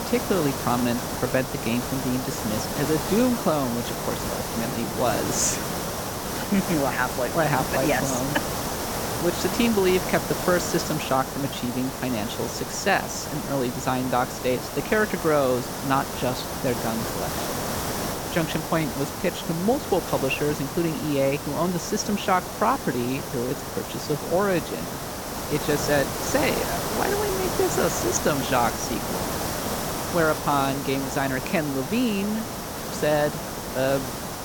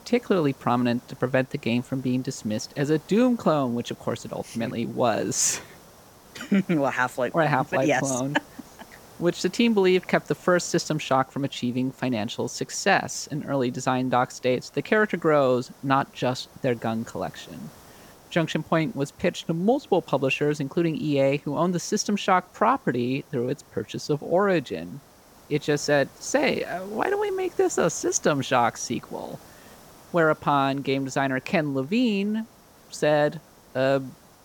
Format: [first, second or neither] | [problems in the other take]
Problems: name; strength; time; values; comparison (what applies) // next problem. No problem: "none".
second | hiss; loud; throughout; 3 dB below the speech; faint in the second